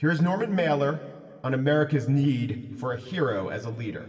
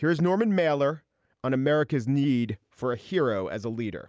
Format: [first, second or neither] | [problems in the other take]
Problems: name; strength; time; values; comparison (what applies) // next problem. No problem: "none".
second | room echo; dies away in 1.9 s